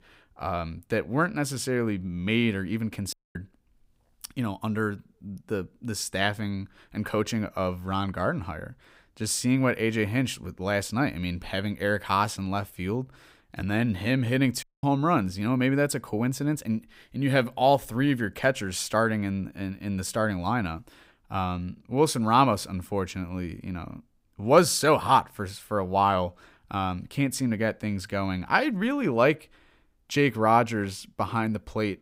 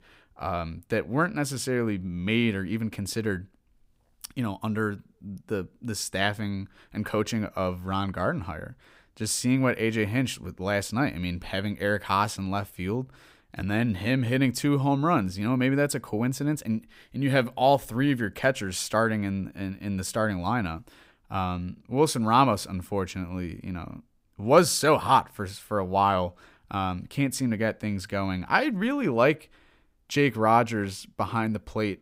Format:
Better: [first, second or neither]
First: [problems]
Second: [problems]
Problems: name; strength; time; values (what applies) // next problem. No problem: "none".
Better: second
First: audio cutting out; at 3 s and at 15 s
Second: none